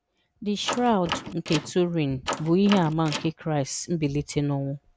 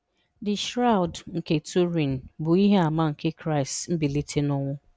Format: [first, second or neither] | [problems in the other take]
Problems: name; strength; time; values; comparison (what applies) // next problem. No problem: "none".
second | background sound (Door); 9 dB below the speech